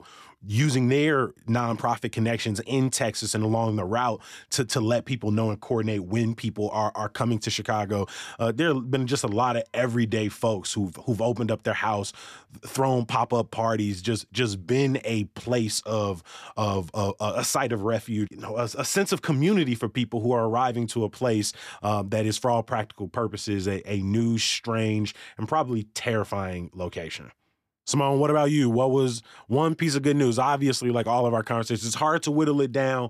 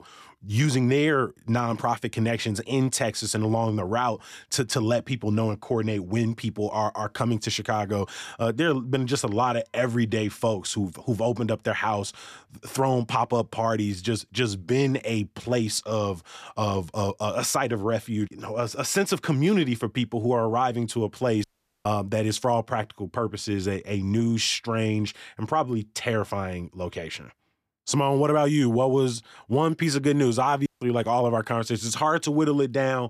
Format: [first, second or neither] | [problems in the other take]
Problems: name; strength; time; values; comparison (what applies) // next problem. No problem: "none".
first | audio cutting out; at 21 s and at 31 s